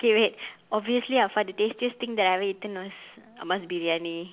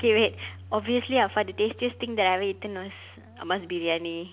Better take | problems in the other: first | background sound (Bass guitar); 19 dB below the speech

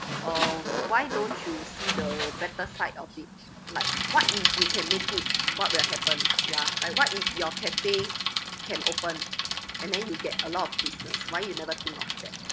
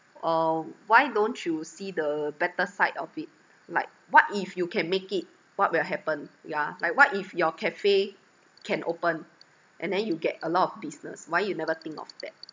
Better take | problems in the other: second | background sound (Bicycle); 3 dB above the speech

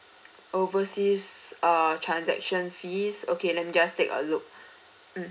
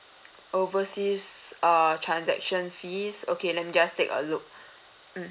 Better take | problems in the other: second | room echo; dies away in 0.3 s

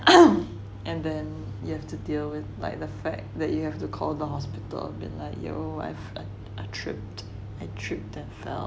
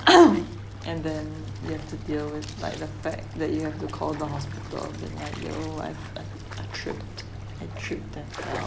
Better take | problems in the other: first | background sound (Stream); 16 dB below the speech

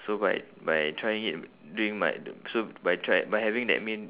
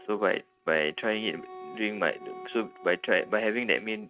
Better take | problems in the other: first | noise reduction (neural mask model RNNoise)

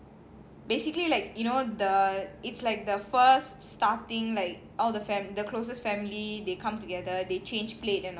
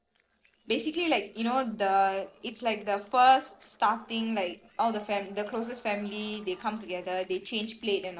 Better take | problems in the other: first | noise reduction (neural separator model SepFormer DNS4)

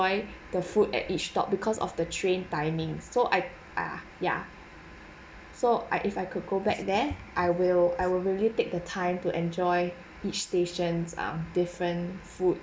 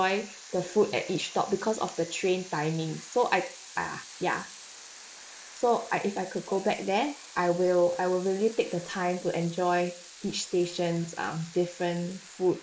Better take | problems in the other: first | noise reduction (neural mask model Resemble Enhance denoiser)

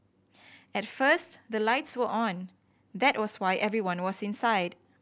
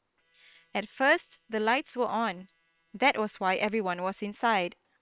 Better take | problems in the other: first | noise reduction (neural separator model SepFormer WHAM!)

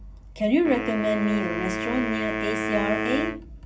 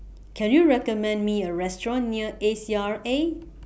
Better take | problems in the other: second | background sound (Wind instrument, woodwind instrument); 3 dB below the speech // room echo; dies away in 0.4 s

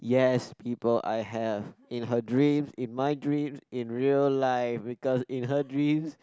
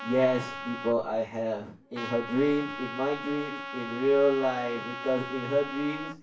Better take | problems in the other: first | background sound (Trumpet); 10 dB below the speech // room echo; dies away in 0.3 s

